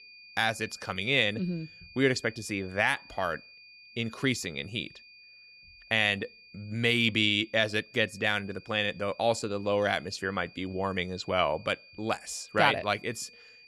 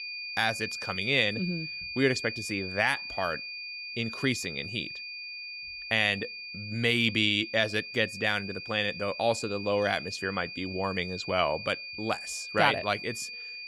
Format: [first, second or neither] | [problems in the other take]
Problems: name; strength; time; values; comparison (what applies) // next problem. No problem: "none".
first | high-pitched whine; loud; throughout; 2.5 kHz, 8 dB below the speech; faint in the first